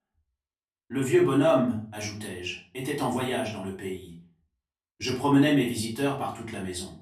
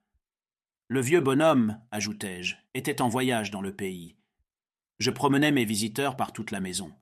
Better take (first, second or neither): second